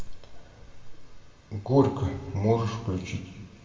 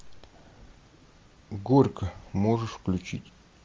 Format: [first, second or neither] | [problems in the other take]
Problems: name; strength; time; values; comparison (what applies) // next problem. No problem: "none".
second | room echo; dies away in 1.7 s